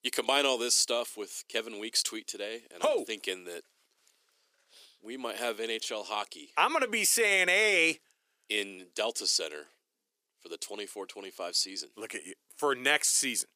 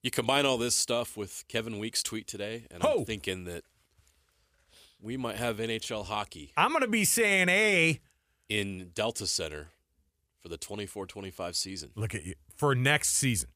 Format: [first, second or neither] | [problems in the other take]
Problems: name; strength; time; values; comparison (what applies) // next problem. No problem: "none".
second | thin; somewhat; fading below 300 Hz